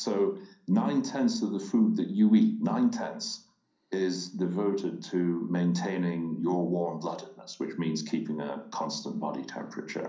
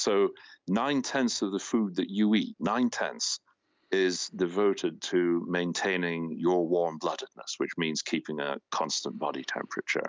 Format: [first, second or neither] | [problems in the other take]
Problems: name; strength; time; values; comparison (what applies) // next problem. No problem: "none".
second | room echo; dies away in 0.6 s